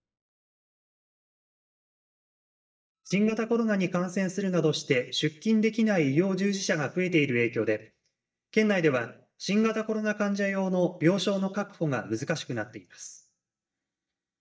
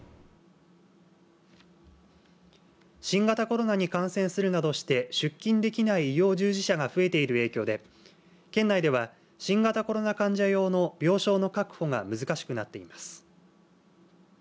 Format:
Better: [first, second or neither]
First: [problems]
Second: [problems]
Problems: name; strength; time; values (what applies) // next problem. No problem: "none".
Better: second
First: noise reduction (neural mask model DeepFilterNet 3)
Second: none